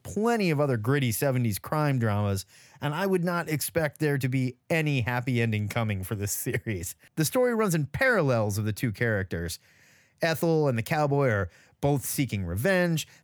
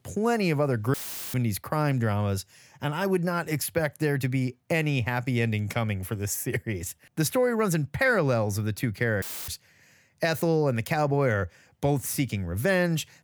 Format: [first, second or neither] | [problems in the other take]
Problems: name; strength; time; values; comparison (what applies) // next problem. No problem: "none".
first | audio cutting out; filled with static; at 1 s and at 9 s